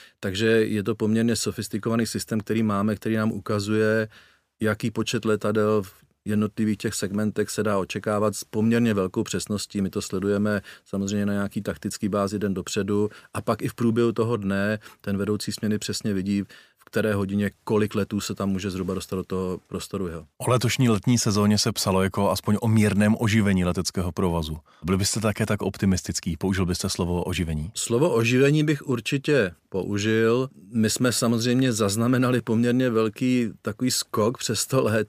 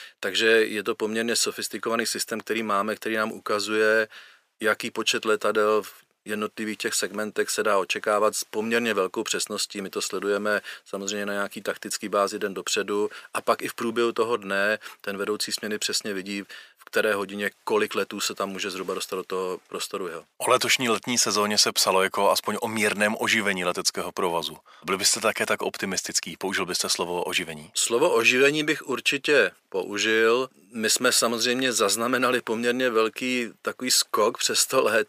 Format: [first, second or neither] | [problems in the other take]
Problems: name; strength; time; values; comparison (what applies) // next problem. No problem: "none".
first | thin; somewhat; fading below 450 Hz